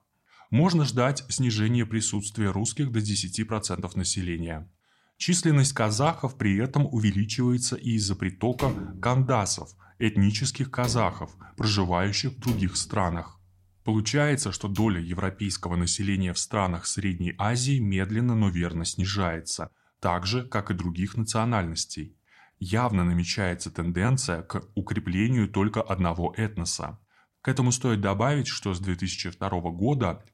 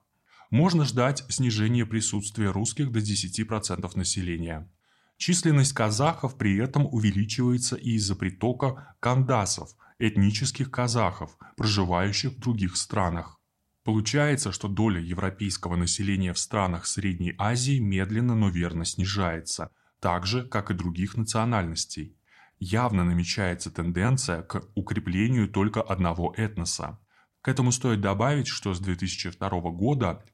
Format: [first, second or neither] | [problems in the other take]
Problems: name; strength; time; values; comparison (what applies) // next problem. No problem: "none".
second | door banging; noticeable; from 8.5 to 15 s; peak 8 dB below the speech